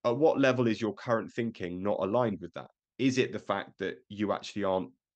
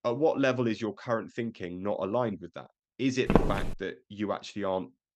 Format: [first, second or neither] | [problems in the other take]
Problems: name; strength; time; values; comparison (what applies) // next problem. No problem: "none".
first | footsteps; loud; at 3.5 s; peak 5 dB above the speech